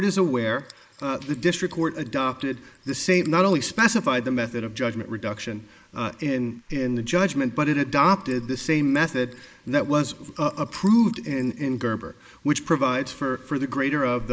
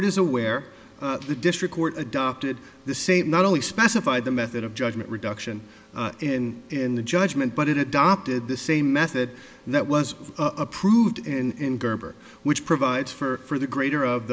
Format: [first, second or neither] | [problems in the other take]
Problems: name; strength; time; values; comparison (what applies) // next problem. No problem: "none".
second | noise reduction (neural mask model Resemble Enhance denoiser)